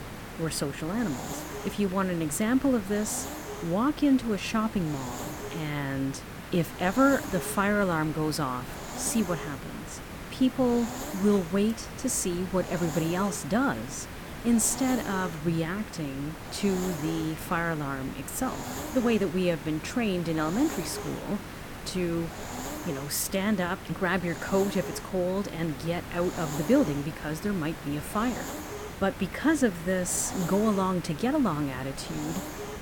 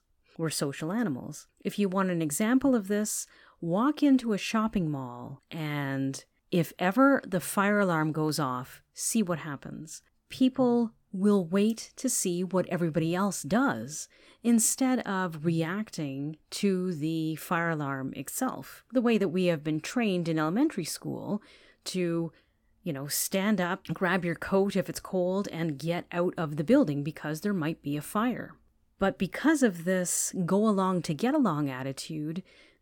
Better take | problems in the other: second | hiss; loud; throughout; 10 dB below the speech

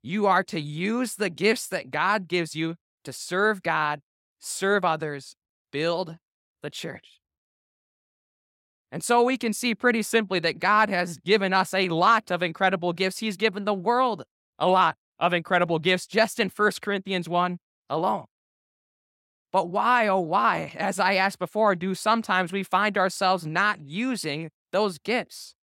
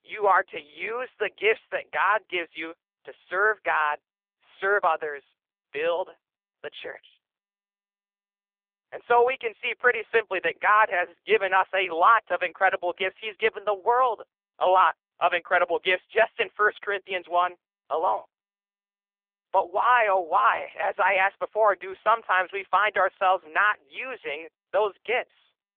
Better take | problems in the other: first | phone-call audio; poor line

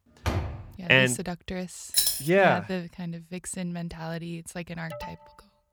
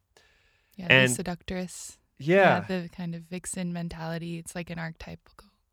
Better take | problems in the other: second | door banging; noticeable; at 0.5 s; peak 4 dB below the speech // jangling keys; loud; at 2 s; peak 4 dB above the speech // alarm; faint; at 5 s; peak 15 dB below the speech

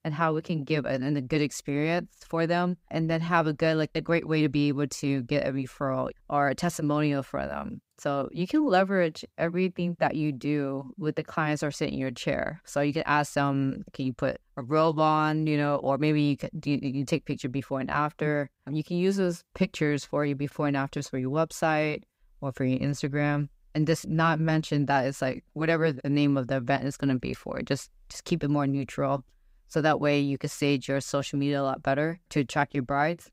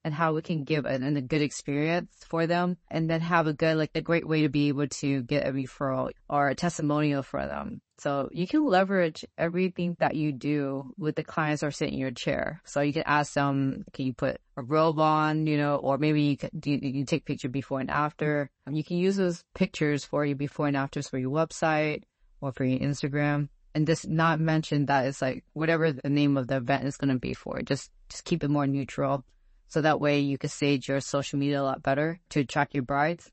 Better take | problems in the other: first | garbled, watery; slightly; nothing above 8 kHz

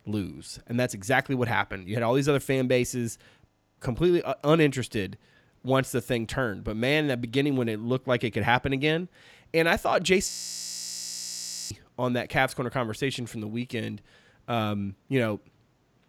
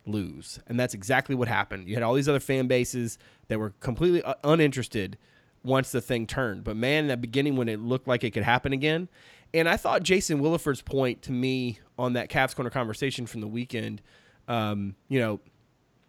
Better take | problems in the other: second | audio freezing; at 3.5 s and at 10 s for 1.5 s

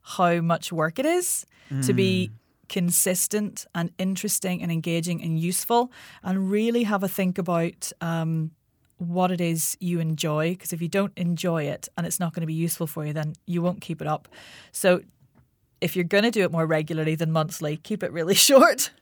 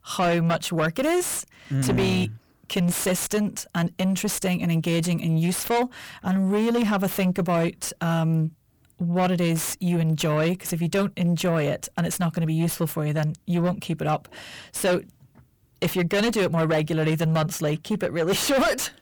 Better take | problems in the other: first | distortion; heavy; 6 dB below the speech

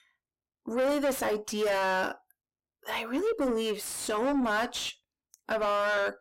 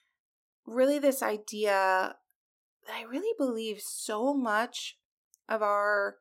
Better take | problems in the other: second | distortion; heavy; 6 dB below the speech

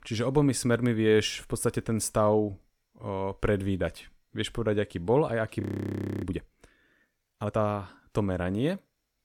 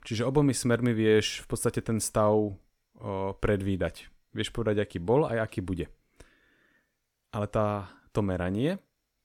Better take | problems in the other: second | audio freezing; at 5.5 s for 0.5 s

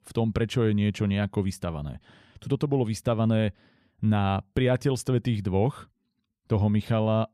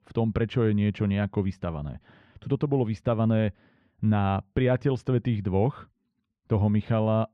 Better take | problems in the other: first | muffled; slightly; fading above 2.5 kHz

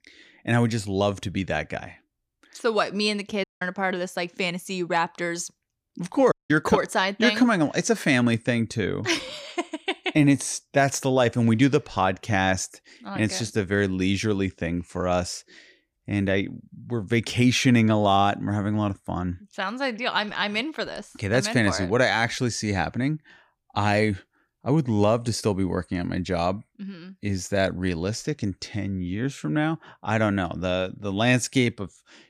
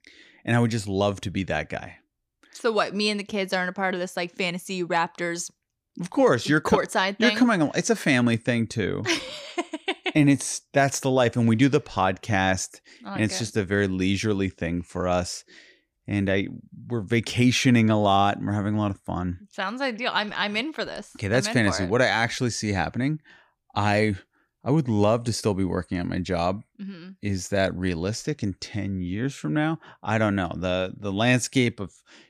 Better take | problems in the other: second | audio cutting out; at 3.5 s and at 6.5 s

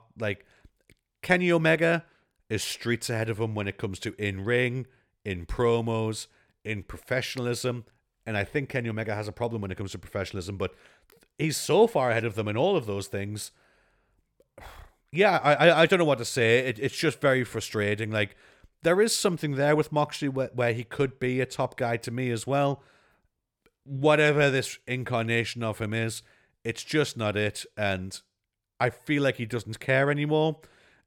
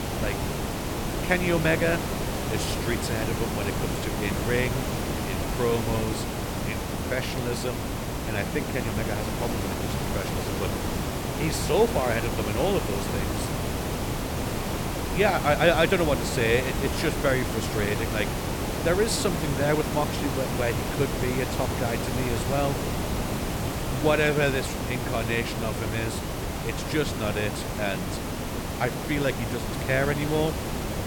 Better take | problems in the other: first | hiss; loud; throughout; 2 dB below the speech

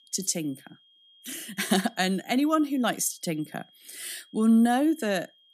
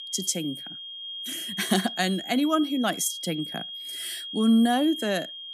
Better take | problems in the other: first | high-pitched whine; loud; throughout; 3.5 kHz, 9 dB below the speech; faint in the first

